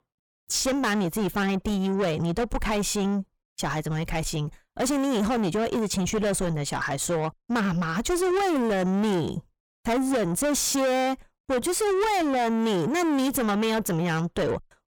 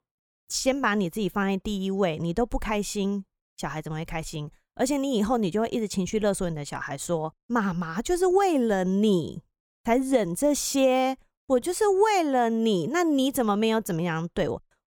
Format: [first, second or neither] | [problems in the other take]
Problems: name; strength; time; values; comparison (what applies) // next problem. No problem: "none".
second | distortion; heavy; 7 dB below the speech